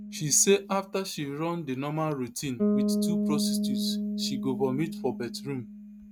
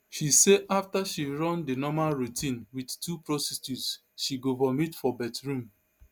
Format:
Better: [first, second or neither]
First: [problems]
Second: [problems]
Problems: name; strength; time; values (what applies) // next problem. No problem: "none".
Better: second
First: noise reduction (neural mask model RNNoise)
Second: none